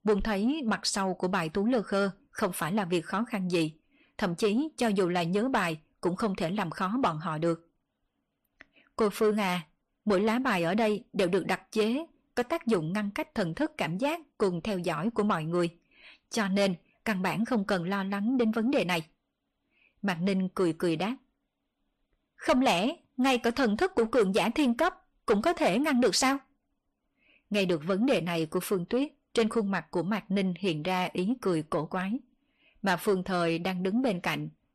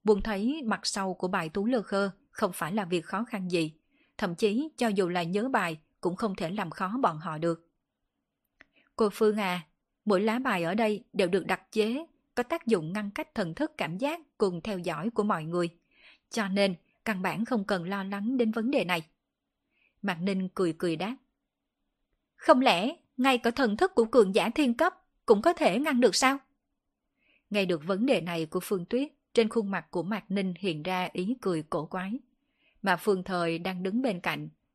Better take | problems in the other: second | distortion; slight; 10 dB below the speech

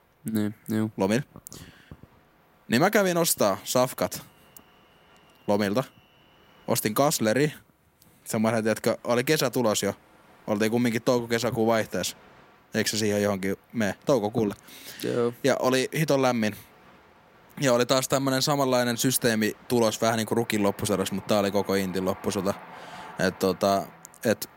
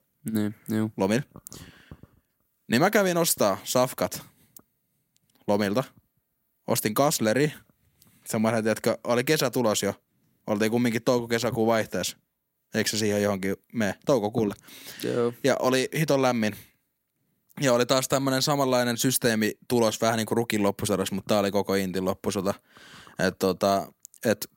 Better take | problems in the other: second | train or aircraft noise; faint; throughout; 25 dB below the speech

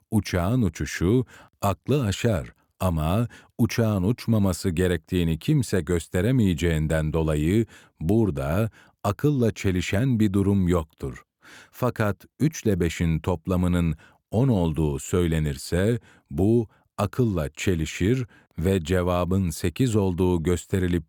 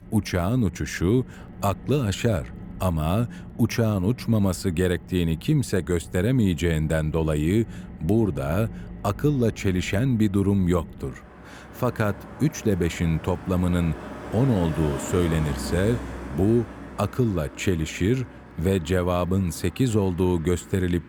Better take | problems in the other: first | traffic noise; noticeable; throughout; 15 dB below the speech

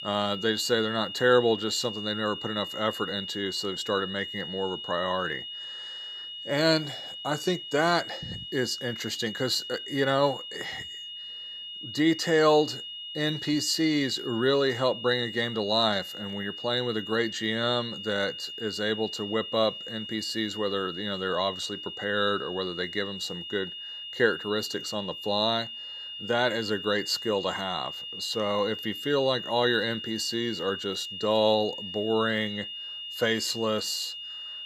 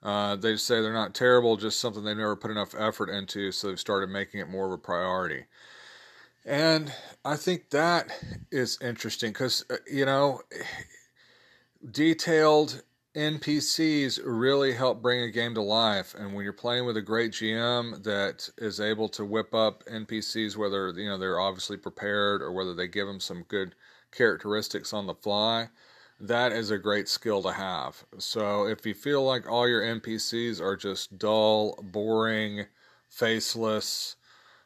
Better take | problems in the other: second | high-pitched whine; loud; throughout; 3 kHz, 8 dB below the speech

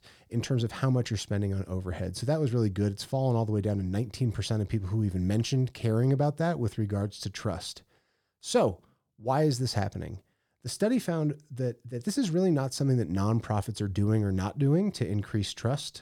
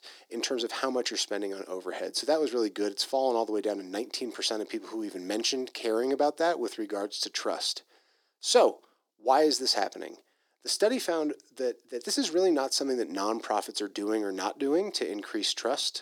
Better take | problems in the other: first | thin; very; fading below 300 Hz

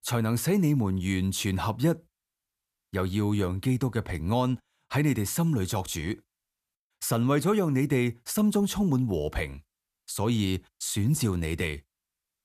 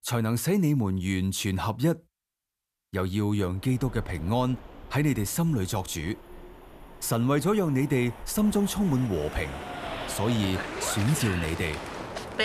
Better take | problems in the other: first | train or aircraft noise; noticeable; from 4 s on; 10 dB below the speech

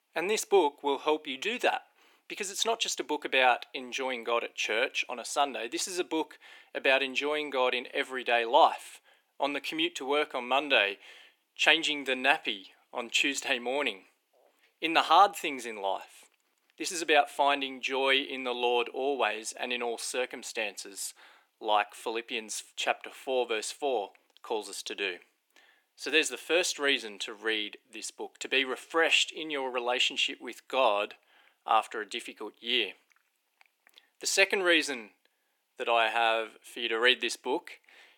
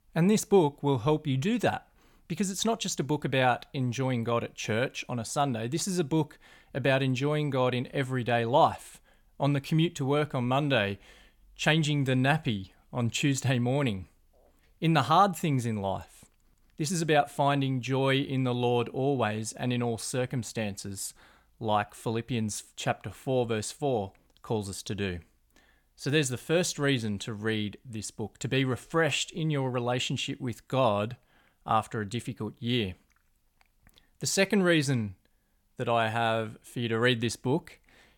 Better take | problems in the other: second | thin; very; fading below 300 Hz

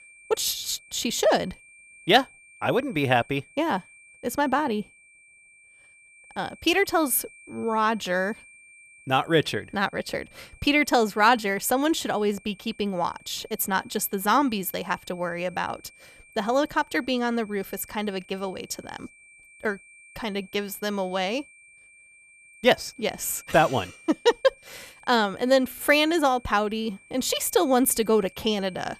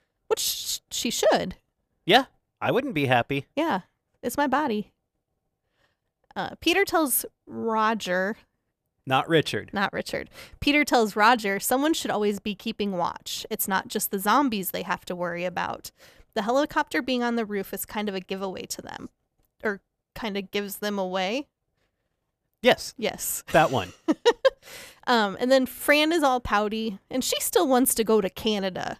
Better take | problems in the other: second | high-pitched whine; faint; throughout; 2.5 kHz, 25 dB below the speech

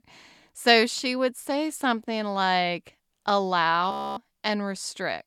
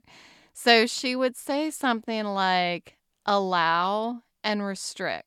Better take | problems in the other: second | audio freezing; at 4 s

